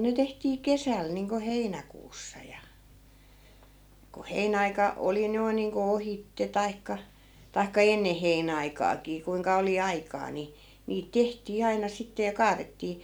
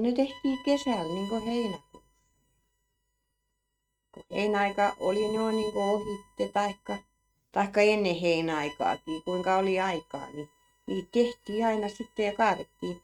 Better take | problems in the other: first | noise reduction (neural mask model RNNoise)

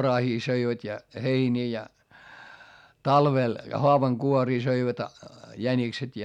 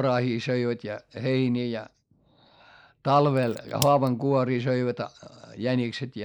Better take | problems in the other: first | noise reduction (neural mask model Resemble Enhance denoiser)

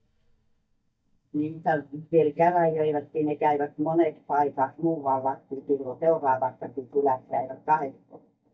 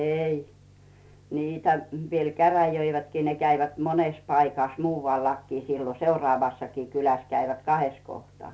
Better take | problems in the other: second | noise reduction (neural mask model DeepFilterNet 3)

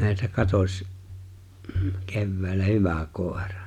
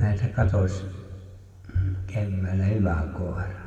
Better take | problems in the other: first | room echo; dies away in 1.6 s

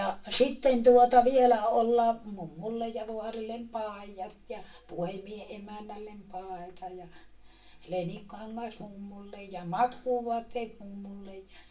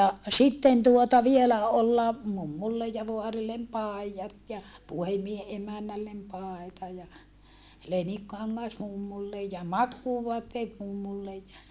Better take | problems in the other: second | room echo; dies away in 0.2 s

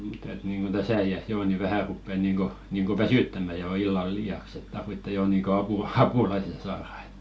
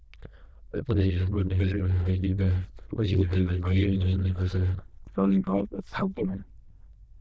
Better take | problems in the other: first | noise reduction (neural diffusion model UNIVERSE++)

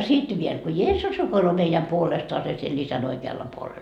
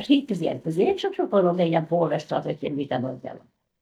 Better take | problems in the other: first | noise reduction (neural mask model DeepFilterNet 3)

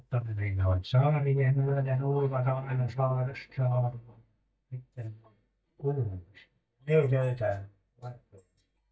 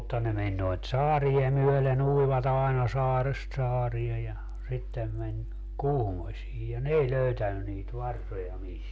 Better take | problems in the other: second | noise reduction (neural mask model DeepFilterNet 3)

